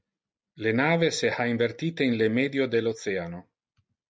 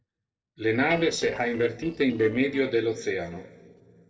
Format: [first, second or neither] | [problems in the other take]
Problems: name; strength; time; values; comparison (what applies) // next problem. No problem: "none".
first | noise reduction (neural separator model SepFormer DNS4)